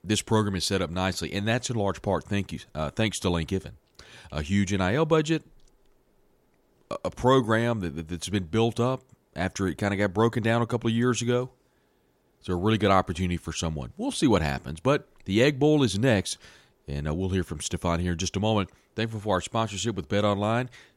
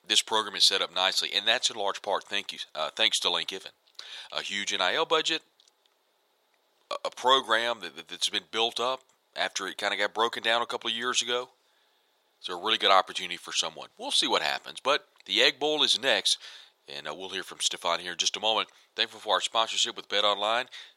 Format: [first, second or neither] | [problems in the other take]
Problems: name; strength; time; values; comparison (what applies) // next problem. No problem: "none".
first | thin; very; fading below 750 Hz